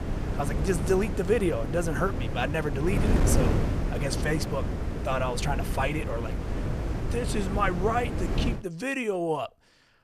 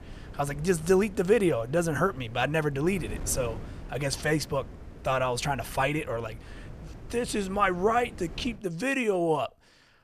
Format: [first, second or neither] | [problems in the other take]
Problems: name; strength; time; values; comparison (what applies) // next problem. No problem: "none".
second | wind noise on the microphone; heavy; until 8.5 s; 6 dB below the speech; occasional gusts in the second